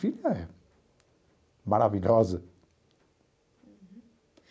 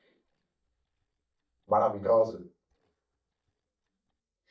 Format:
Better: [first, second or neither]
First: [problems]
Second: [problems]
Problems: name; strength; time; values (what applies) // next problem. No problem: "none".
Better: first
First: none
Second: noise reduction (neural mask model DeepFilterNet 3)